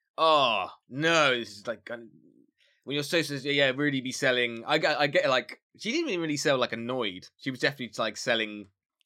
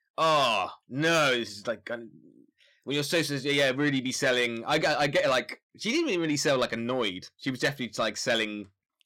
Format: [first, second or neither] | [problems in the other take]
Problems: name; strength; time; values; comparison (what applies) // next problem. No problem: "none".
first | distortion; slight; 10 dB below the speech